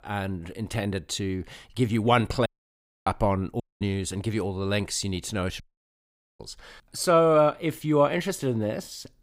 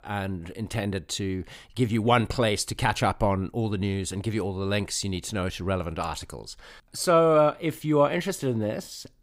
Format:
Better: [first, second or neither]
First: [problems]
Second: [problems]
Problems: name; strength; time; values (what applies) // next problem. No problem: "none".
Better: second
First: audio cutting out; at 2.5 s for 0.5 s, at 3.5 s and at 5.5 s for 1 s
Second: none